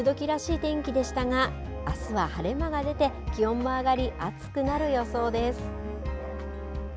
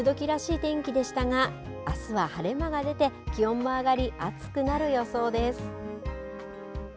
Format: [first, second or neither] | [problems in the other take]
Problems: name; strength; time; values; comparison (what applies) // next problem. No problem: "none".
second | background sound (Musical instrument); 9 dB below the speech